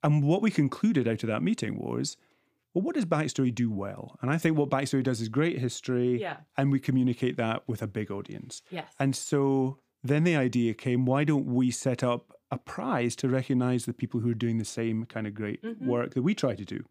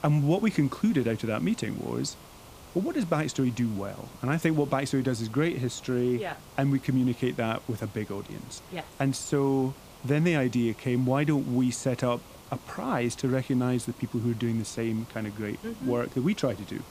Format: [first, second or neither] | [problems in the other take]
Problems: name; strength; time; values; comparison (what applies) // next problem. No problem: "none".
first | hiss; noticeable; throughout; 20 dB below the speech